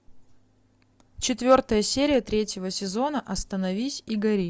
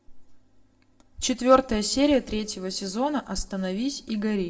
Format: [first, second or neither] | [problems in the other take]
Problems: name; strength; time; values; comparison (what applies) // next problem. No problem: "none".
first | room echo; dies away in 1.3 s